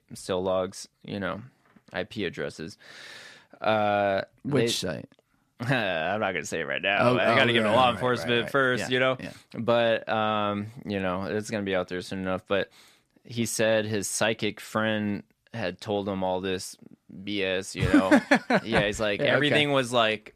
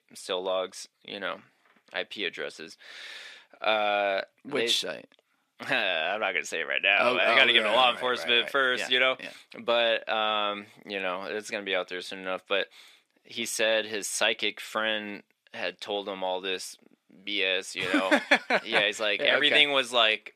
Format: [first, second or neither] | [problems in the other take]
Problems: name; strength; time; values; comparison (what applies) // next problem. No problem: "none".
first | thin; somewhat; fading below 350 Hz